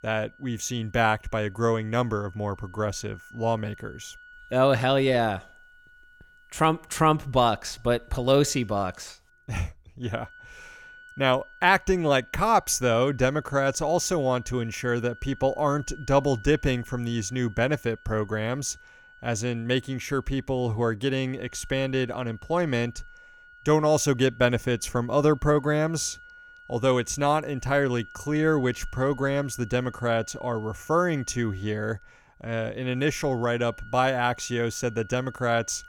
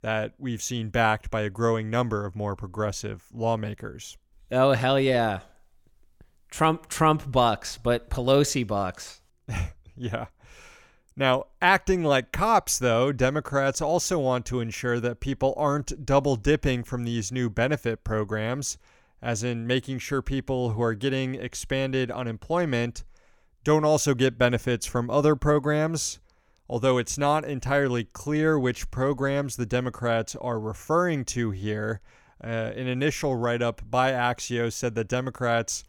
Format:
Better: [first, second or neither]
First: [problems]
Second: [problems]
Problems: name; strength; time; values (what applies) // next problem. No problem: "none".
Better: second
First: background music; faint; throughout; 20 dB below the speech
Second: none